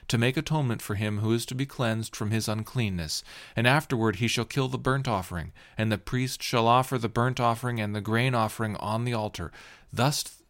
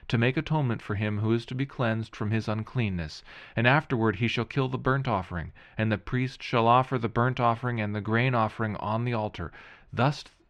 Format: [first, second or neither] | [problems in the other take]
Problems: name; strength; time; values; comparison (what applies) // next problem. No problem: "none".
first | muffled; slightly; fading above 2.5 kHz